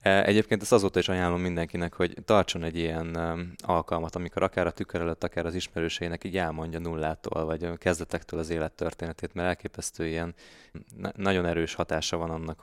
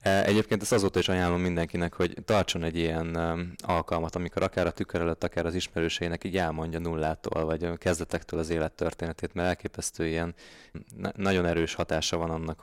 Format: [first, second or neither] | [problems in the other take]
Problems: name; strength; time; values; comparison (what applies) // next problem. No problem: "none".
first | distortion; slight; 3% of the sound clipped